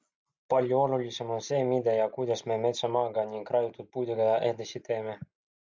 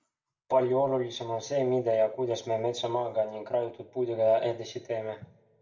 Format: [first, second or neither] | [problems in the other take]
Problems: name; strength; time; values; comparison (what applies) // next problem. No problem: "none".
first | room echo; dies away in 0.6 s